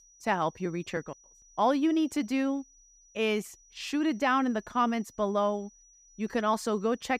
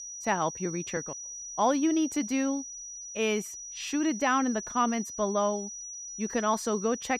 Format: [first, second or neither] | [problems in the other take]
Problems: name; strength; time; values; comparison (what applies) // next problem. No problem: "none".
first | high-pitched whine; loud; throughout; 6 kHz, 9 dB below the speech; faint in the first